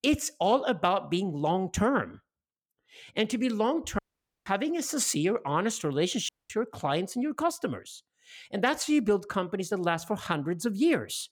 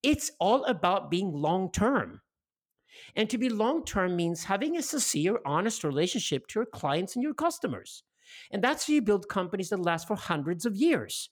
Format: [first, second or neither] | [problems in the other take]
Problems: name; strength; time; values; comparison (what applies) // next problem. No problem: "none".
second | audio cutting out; at 4 s and at 6.5 s